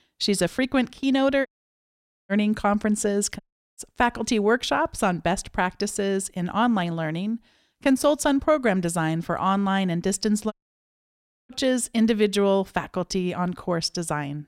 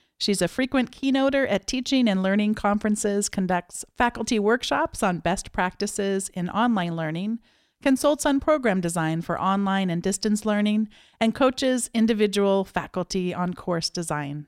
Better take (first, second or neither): second